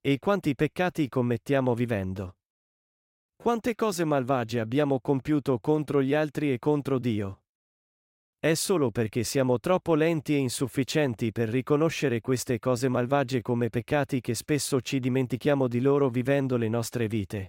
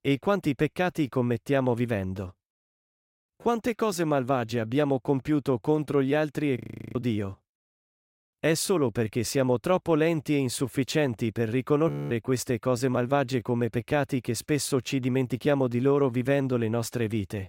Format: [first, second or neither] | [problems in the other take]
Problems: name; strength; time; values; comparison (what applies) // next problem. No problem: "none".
first | audio freezing; at 6.5 s and at 12 s